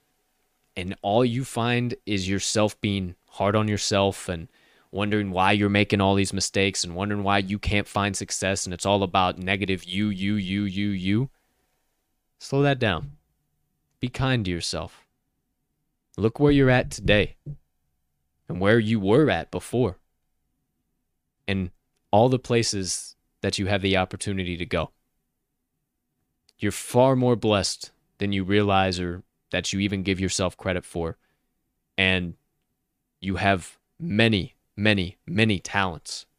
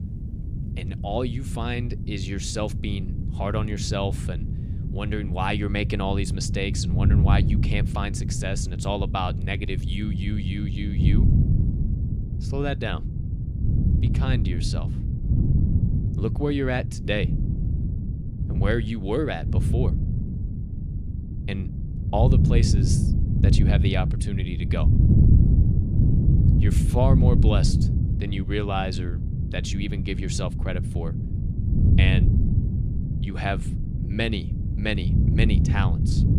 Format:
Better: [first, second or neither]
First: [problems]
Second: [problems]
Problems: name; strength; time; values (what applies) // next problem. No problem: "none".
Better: first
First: none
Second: wind noise on the microphone; heavy; 6 dB below the speech